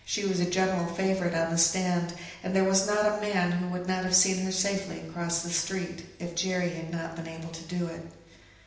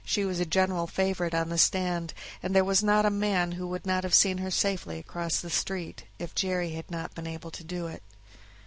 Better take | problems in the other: second | room echo; dies away in 0.9 s

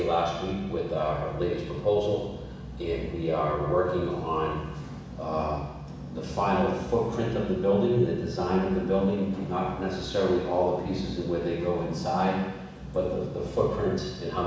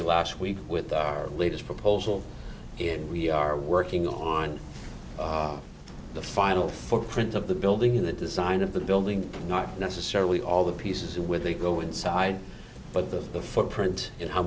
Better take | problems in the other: second | room echo; dies away in 1.1 s

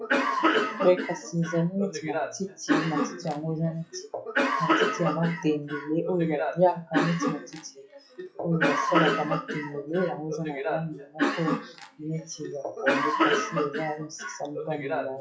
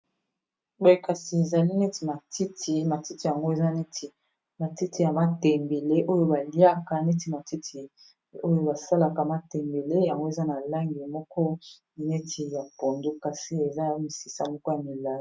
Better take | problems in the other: second | noise reduction (classical method log-MMSE)

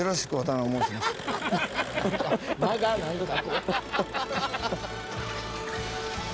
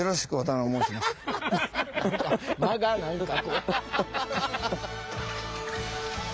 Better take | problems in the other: second | background sound (Engine); 12 dB below the speech

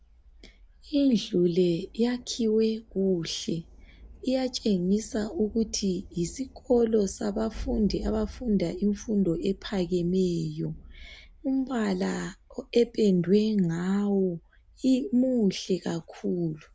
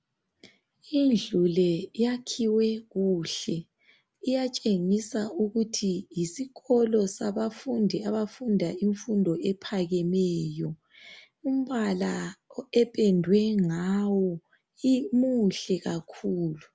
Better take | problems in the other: second | background sound (Thunder); 19 dB below the speech

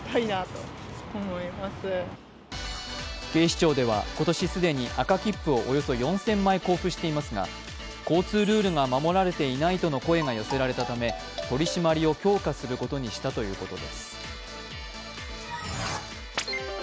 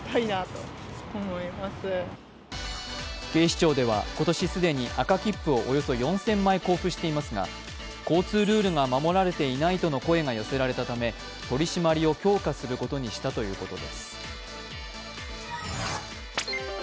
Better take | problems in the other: second | background sound (Marimba, xylophone); 10 dB below the speech

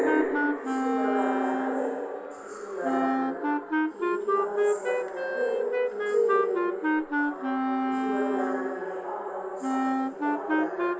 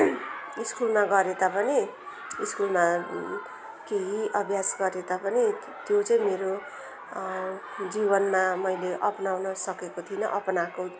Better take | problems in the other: second | background sound (Wind instrument, woodwind instrument); 3 dB above the speech // room echo; dies away in 2.2 s

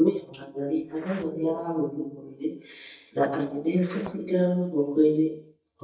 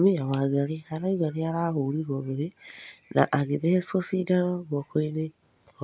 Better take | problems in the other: second | noise reduction (neural mask model DeepFilterNet 3)

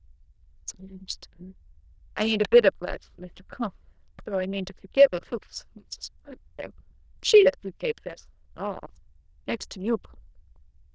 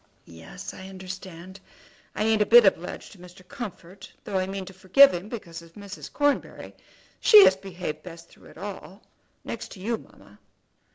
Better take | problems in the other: second | noise reduction (neural diffusion model UNIVERSE++)

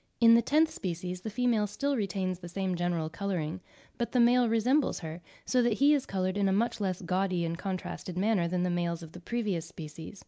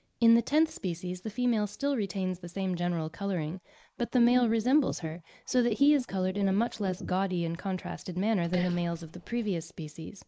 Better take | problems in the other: first | noise reduction (neural mask model Resemble Enhance denoiser)

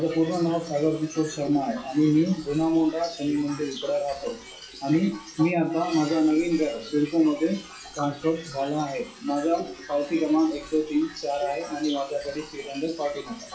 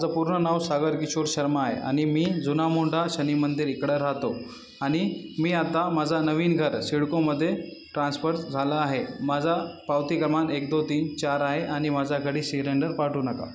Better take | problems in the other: second | noise reduction (classical method WPE with log-MMSE)

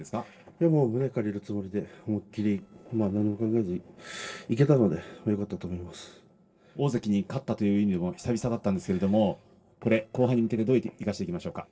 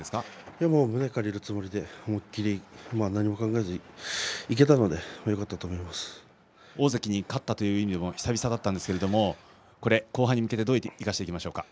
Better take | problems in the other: second | noise reduction (neural separator model SepFormer DNS4)

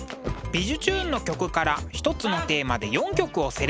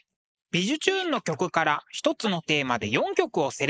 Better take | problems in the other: first | noise reduction (neural mask model Resemble Enhance denoiser)

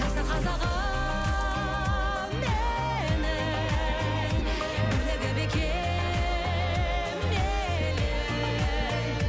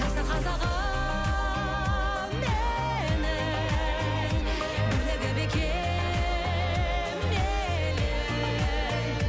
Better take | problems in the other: second | background sound (Tambourine + Water / Splash, splatter); 19 dB below the speech

